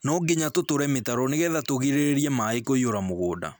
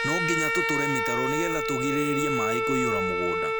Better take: first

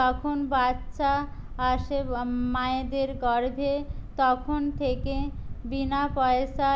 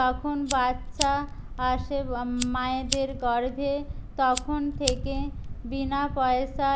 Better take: first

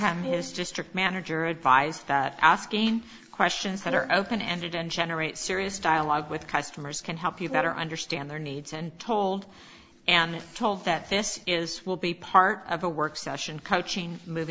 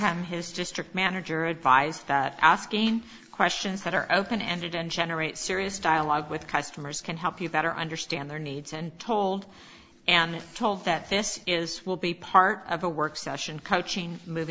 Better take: second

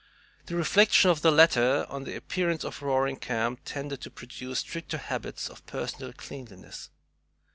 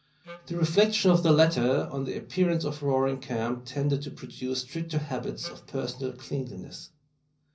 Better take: first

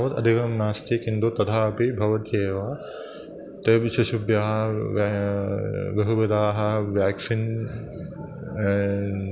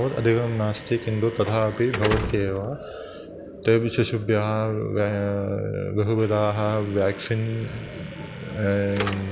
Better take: first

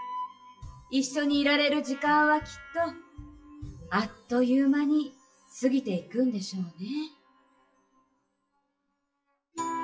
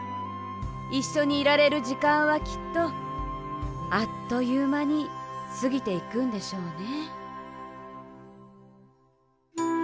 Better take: second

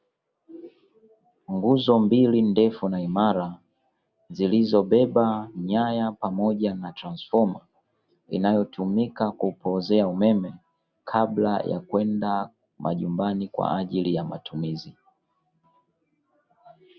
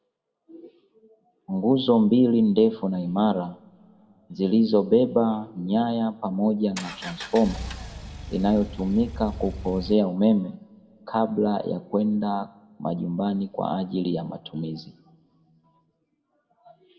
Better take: first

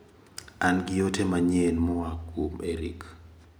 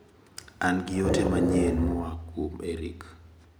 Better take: first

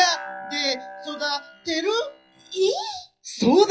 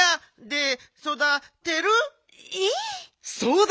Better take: second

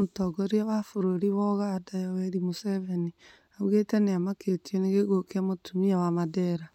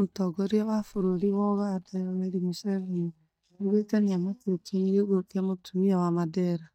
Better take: first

